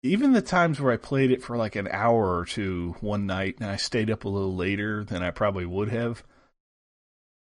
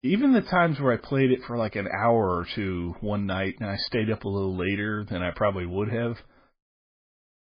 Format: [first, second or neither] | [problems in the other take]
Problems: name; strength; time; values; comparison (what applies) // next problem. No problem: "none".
first | garbled, watery; badly; nothing above 4.5 kHz; slightly in the first